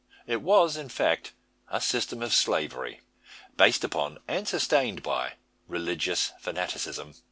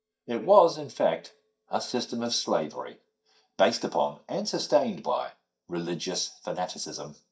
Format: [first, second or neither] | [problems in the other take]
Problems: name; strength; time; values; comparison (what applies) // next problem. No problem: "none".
first | noise reduction (neural mask model DeepFilterNet 3)